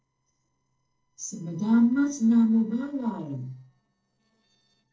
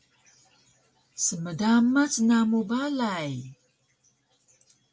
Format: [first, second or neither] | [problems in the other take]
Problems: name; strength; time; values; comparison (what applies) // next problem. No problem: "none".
second | noise reduction (neural separator model SepFormer DNS4)